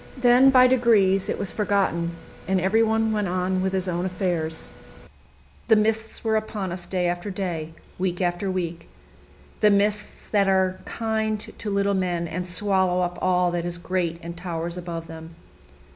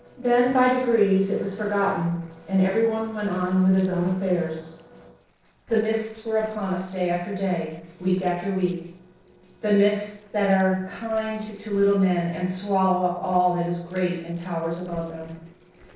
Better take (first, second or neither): first